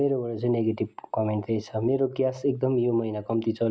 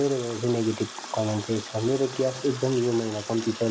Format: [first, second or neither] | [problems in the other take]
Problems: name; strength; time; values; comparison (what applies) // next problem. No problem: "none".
first | background sound (Water tap, faucet); 13 dB below the speech